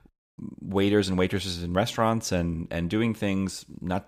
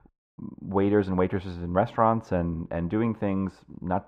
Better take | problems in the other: first | muffled; very; fading above 3 kHz

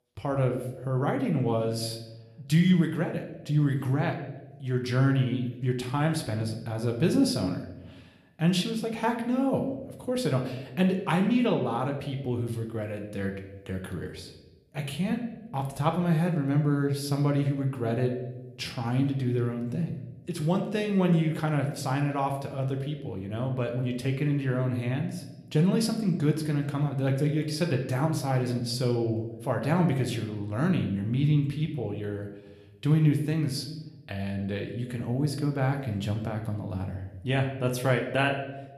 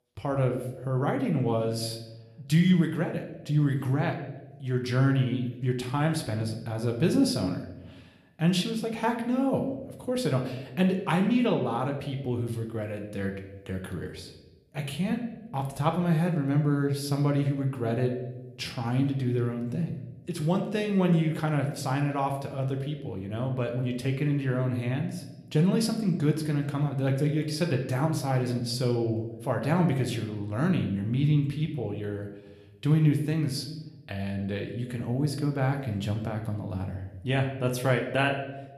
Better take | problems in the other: neither | room echo; slight; dies away in 0.7 s; the same in both

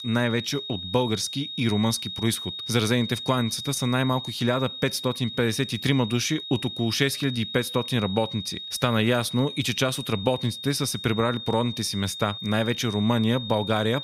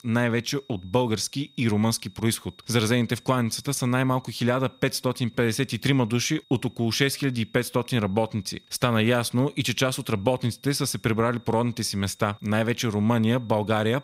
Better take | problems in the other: second | high-pitched whine; loud; throughout; 3.5 kHz, 8 dB below the speech; faint in the second

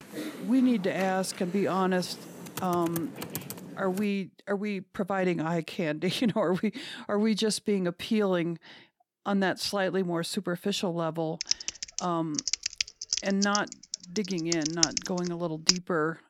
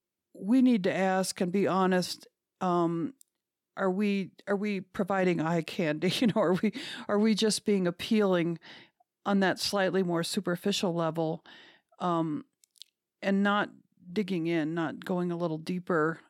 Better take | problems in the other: second | keyboard typing; noticeable; until 4 s; peak 7 dB below the speech // keyboard typing; loud; from 11 to 16 s; peak 4 dB above the speech

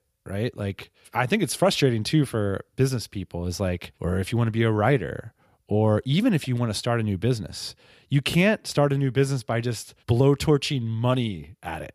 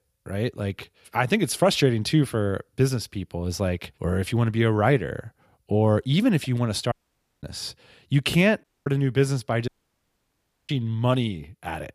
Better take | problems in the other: first | audio cutting out; at 7 s for 0.5 s, at 8.5 s and at 9.5 s for 1 s

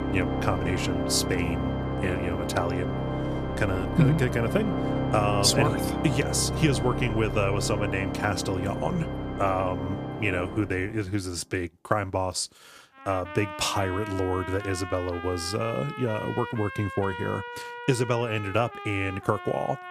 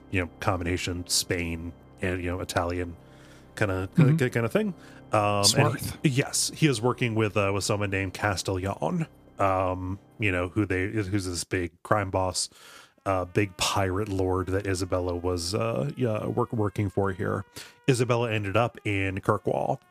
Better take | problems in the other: second | background music; loud; throughout; 4 dB below the speech; faint in the second

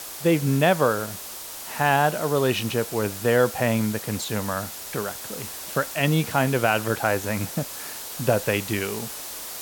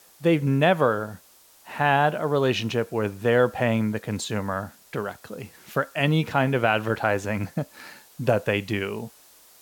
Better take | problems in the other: second | hiss; loud; throughout; 9 dB below the speech; faint in the second

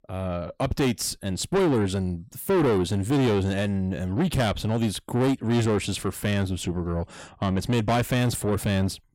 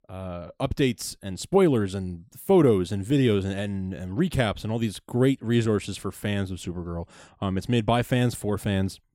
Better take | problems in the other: second | distortion; heavy; 7 dB below the speech

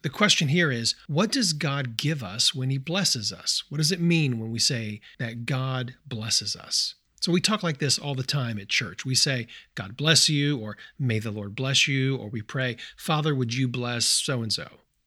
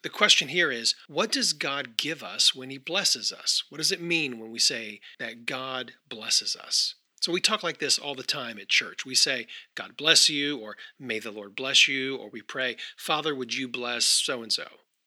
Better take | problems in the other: first | thin; somewhat; fading below 300 Hz

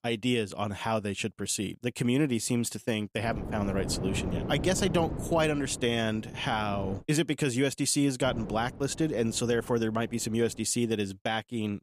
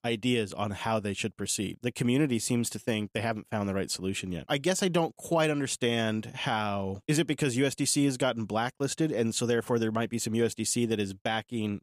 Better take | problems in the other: second | wind noise on the microphone; occasional gusts; from 3 to 7 s and from 8.5 to 11 s; 10 dB below the speech

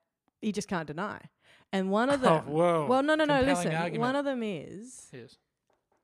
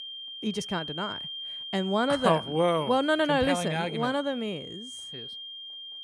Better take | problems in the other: first | high-pitched whine; loud; throughout; 3 kHz, 10 dB below the speech

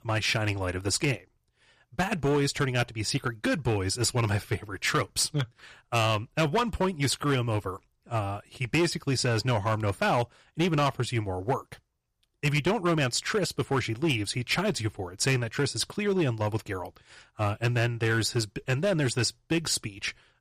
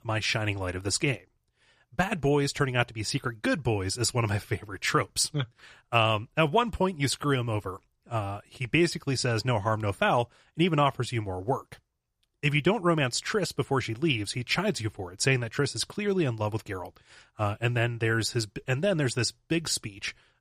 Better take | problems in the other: second | distortion; slight; 6% of the sound clipped

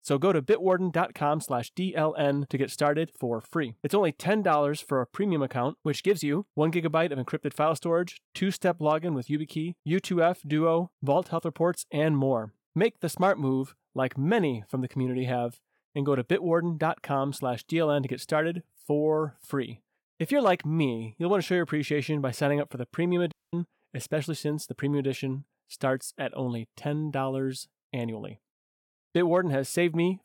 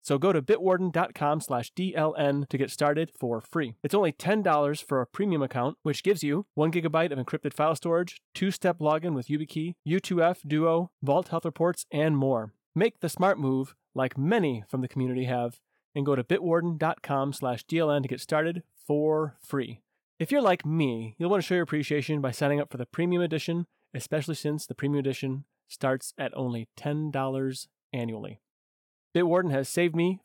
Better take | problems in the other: second | audio cutting out; at 23 s

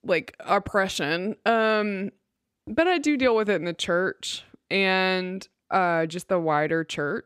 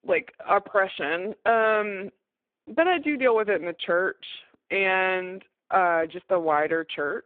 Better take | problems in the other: first | phone-call audio; poor line

